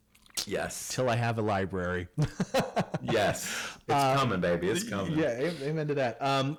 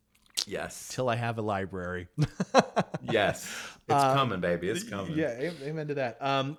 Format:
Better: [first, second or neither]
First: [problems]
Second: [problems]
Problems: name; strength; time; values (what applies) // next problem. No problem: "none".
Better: second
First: distortion; heavy; 7 dB below the speech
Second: none